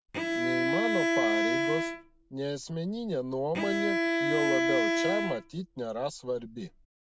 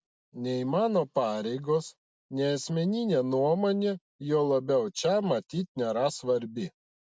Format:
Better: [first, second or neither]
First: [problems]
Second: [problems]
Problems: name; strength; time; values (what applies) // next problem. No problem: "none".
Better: second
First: background sound (Bowed string instrument); 3 dB above the speech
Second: none